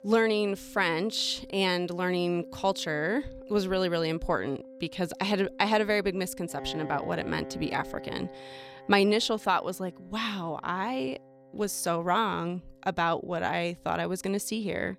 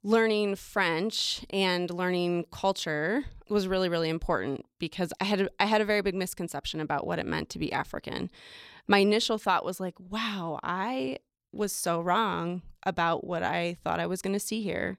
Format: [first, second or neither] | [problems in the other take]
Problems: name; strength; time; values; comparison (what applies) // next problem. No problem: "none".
second | background music; noticeable; throughout; 15 dB below the speech